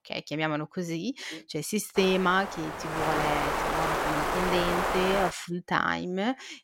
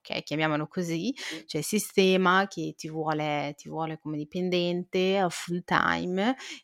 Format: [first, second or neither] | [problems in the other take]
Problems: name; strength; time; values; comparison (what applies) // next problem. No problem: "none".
second | wind noise on the microphone; heavy; from 2 to 5.5 s; 2 dB above the speech